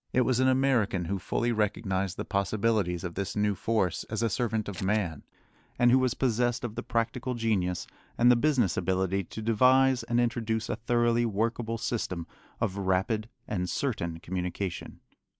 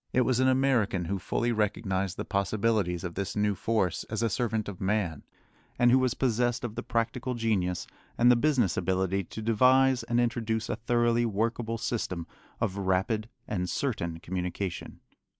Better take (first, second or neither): second